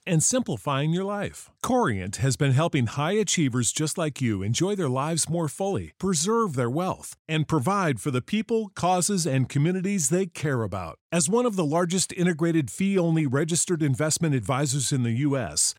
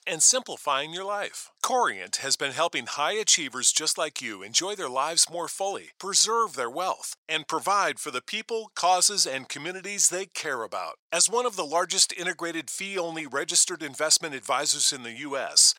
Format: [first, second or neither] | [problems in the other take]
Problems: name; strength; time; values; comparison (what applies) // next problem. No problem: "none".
first | thin; very; fading below 700 Hz